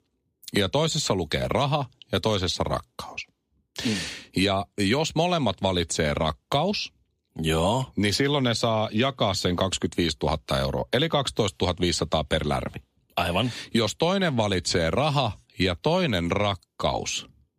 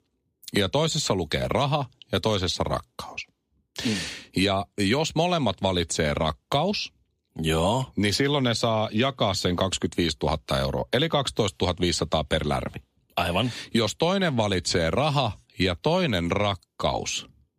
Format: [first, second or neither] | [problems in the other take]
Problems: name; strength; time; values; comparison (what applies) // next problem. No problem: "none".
neither | none